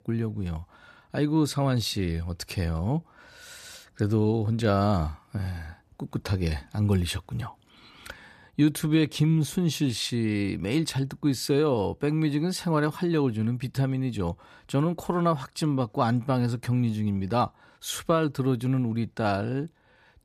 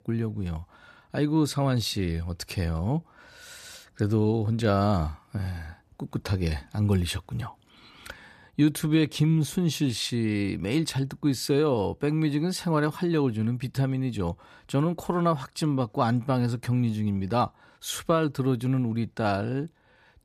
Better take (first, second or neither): neither